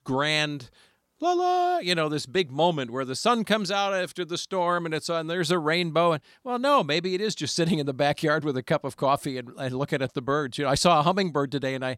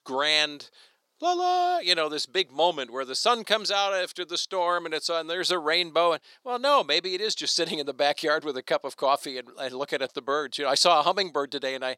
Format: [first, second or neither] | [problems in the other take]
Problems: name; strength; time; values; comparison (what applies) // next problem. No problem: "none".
first | thin; somewhat; fading below 450 Hz